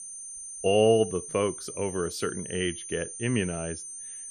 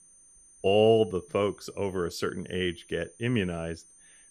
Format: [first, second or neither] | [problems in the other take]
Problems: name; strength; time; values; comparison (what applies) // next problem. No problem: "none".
second | high-pitched whine; loud; throughout; 9 kHz, 9 dB below the speech; faint in the second